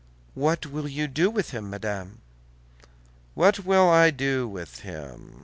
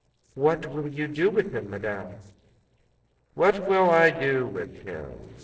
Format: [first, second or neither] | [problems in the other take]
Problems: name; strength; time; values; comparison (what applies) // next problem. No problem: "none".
first | noise reduction (neural separator model SepFormer DNS4)